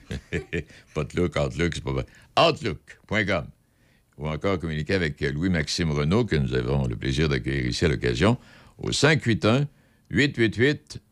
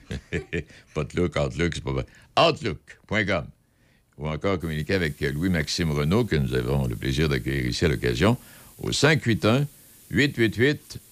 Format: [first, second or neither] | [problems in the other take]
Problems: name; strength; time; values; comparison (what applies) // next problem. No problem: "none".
first | hiss; faint; from 4.5 s on; 25 dB below the speech